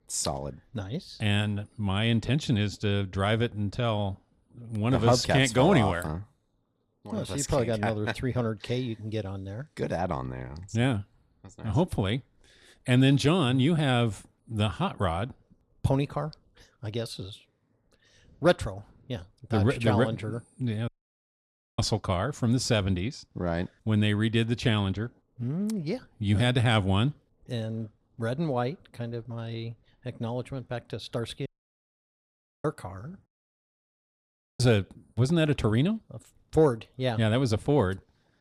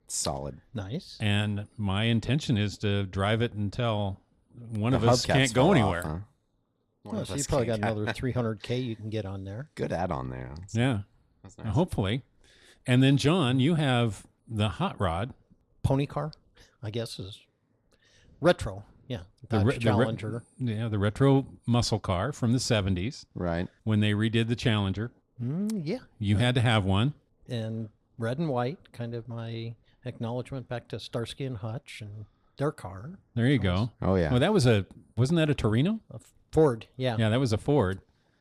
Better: second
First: audio cutting out; at 21 s for 1 s, at 31 s for 1 s and at 33 s for 1.5 s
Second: none

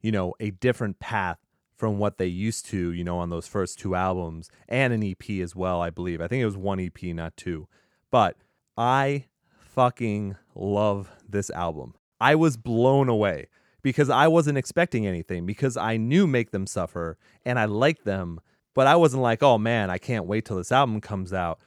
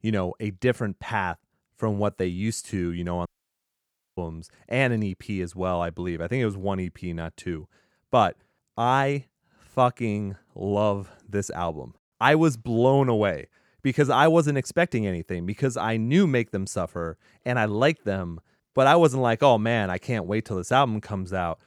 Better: first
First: none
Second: audio cutting out; at 3.5 s for 1 s

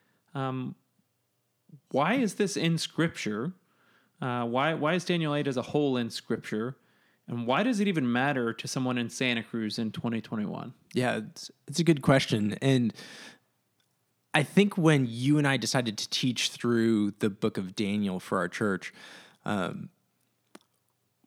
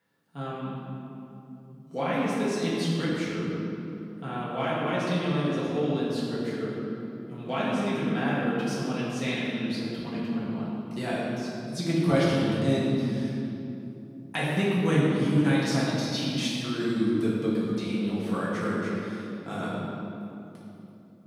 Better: first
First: none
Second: room echo; strong; dies away in 2.8 s // off-mic speech; far

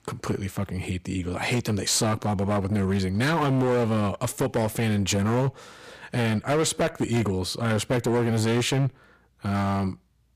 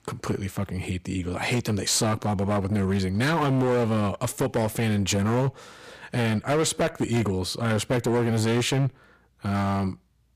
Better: neither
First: distortion; heavy; 14% of the sound clipped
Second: distortion; heavy; 14% of the sound clipped

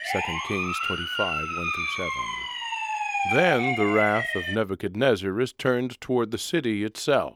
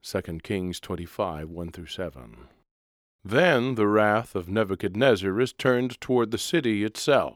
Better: second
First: siren; loud; until 4.5 s; peak 2 dB above the speech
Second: none

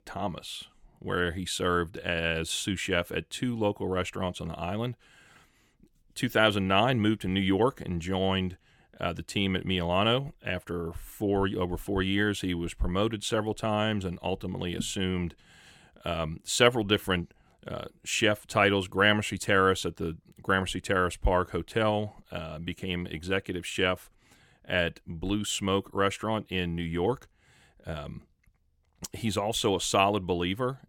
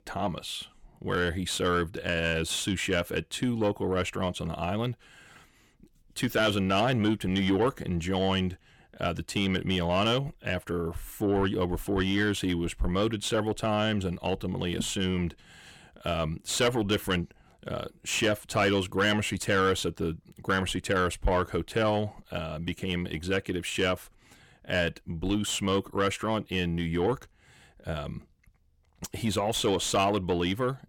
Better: first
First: none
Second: distortion; slight; 10 dB below the speech

